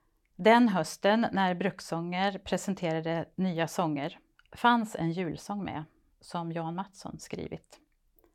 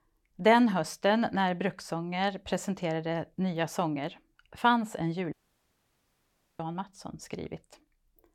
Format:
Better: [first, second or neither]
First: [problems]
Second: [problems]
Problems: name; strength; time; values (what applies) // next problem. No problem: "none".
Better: first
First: none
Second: audio cutting out; at 5.5 s for 1.5 s